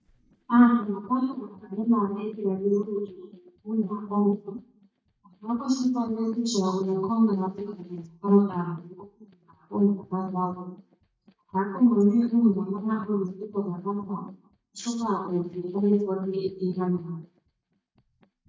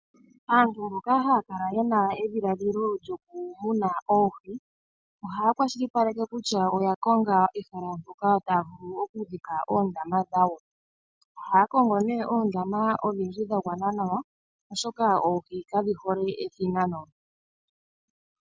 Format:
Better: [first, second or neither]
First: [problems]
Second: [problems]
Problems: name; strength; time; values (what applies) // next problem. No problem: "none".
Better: second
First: noise reduction (neural mask model DeepFilterNet 3)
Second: none